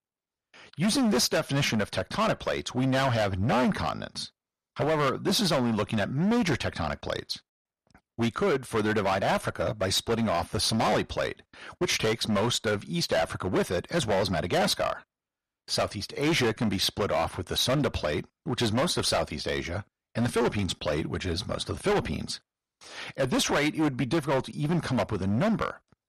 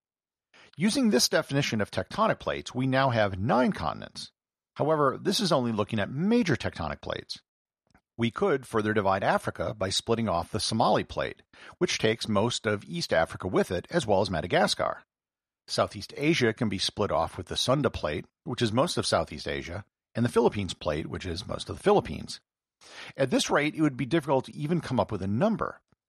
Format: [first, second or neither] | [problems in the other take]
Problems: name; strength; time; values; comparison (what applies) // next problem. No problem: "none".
second | distortion; heavy; 14% of the sound clipped